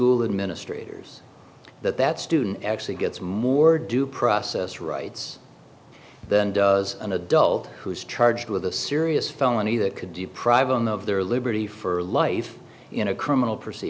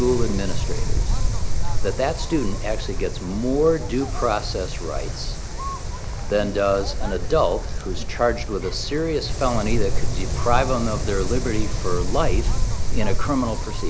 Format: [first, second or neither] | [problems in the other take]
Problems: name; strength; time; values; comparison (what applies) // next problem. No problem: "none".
first | background sound (Wind); 3 dB above the speech